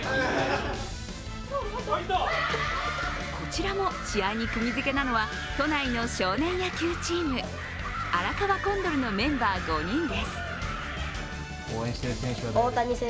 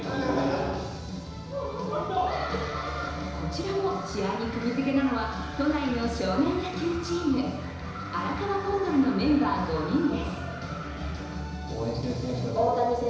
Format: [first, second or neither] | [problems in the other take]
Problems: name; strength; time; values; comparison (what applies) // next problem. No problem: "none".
first | room echo; dies away in 1 s